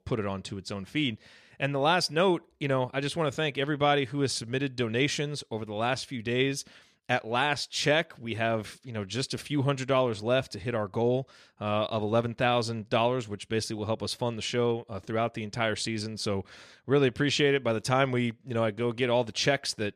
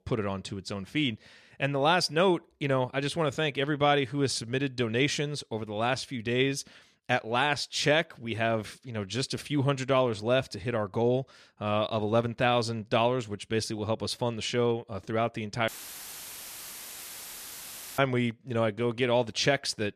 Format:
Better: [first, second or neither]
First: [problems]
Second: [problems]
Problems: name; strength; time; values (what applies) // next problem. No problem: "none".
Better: first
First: none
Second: audio cutting out; filled with static; at 16 s for 2.5 s